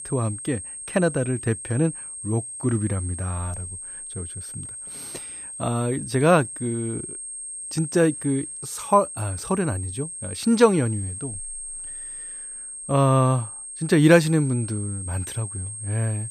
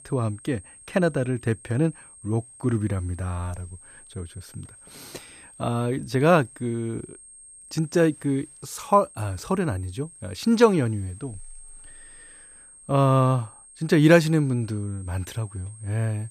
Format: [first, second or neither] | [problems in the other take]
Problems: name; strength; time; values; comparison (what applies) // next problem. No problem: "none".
second | high-pitched whine; loud; throughout; 8.5 kHz, 9 dB below the speech; faint in the second